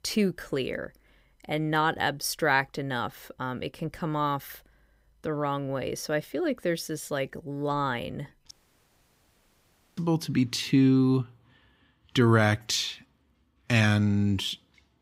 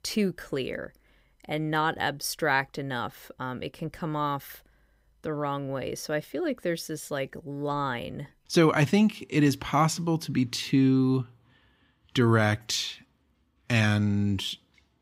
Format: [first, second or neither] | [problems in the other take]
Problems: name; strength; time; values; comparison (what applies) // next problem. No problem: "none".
second | audio cutting out; at 8.5 s for 1.5 s